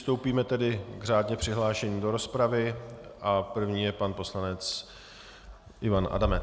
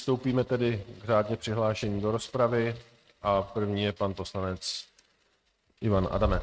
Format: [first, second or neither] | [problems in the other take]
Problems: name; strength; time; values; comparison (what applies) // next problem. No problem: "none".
first | noise reduction (neural mask model RNNoise)